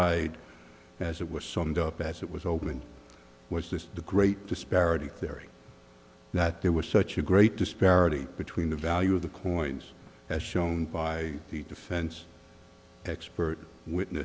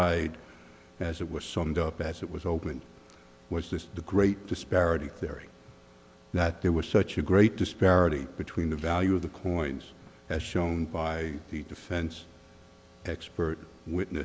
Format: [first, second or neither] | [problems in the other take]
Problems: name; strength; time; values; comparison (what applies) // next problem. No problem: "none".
second | background sound (Bowed string instrument); 18 dB below the speech